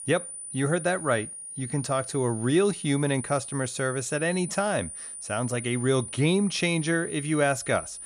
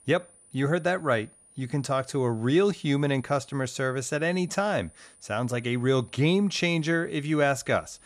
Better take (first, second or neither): second